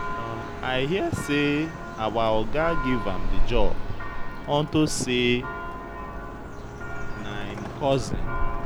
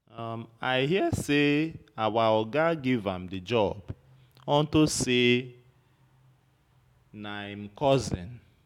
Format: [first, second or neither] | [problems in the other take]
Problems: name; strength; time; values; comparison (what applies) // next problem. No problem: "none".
second | background sound (Church bell); 1 dB above the speech